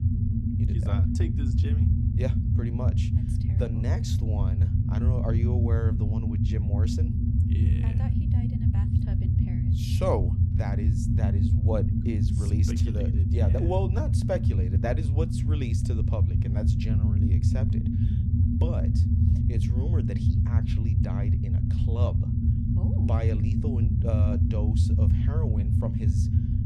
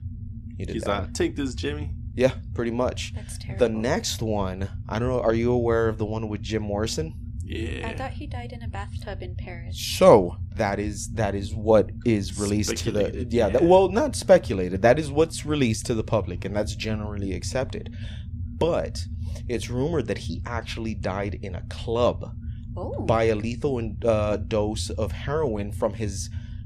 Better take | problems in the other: second | low rumble; loud; throughout; as loud as the speech; faint in the second

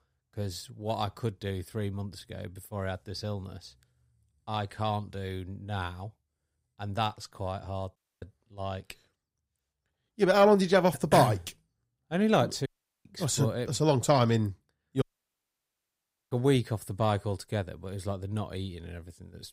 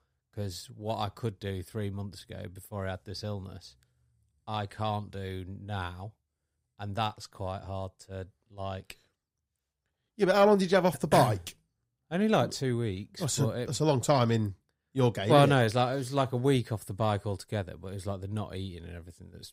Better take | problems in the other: second | audio cutting out; at 8 s, at 13 s and at 15 s for 1.5 s

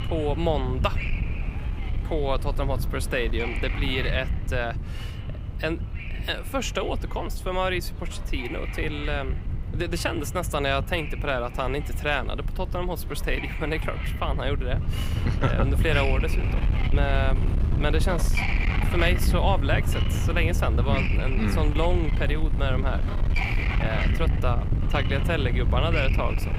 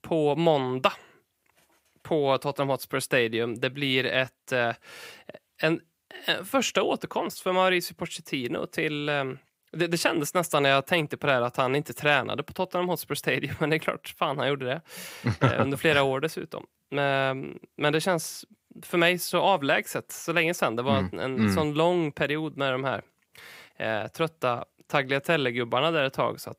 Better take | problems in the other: second | wind noise on the microphone; heavy; 6 dB below the speech

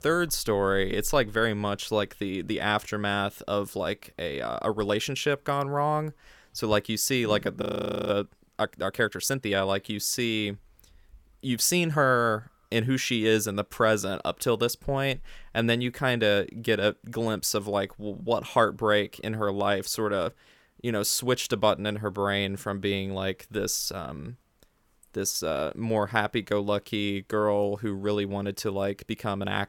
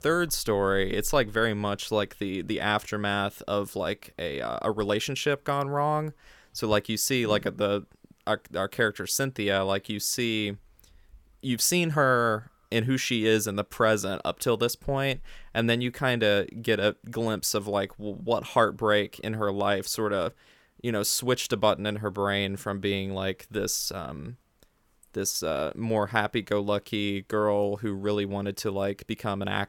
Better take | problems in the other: second | audio freezing; at 7.5 s

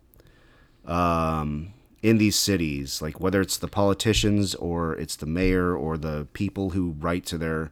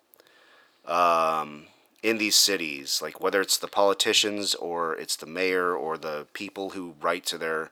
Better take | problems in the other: first | thin; very; fading below 600 Hz

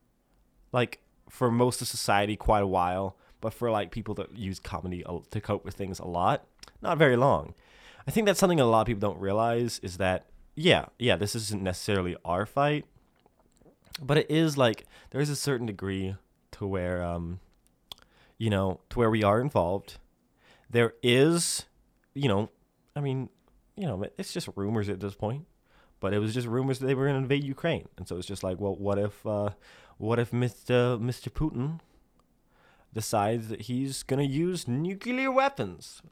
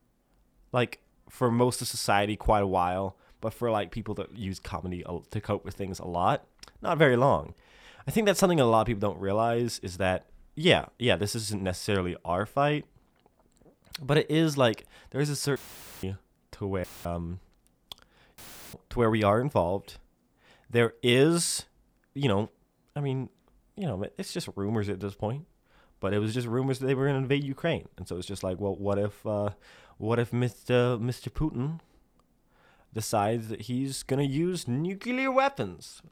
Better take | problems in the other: first | audio cutting out; filled with static; at 16 s, at 17 s and at 18 s

